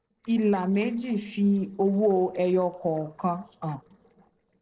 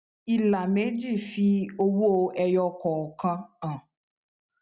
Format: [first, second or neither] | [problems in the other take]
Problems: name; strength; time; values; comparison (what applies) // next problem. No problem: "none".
second | noise reduction (neural separator model SepFormer DNS4)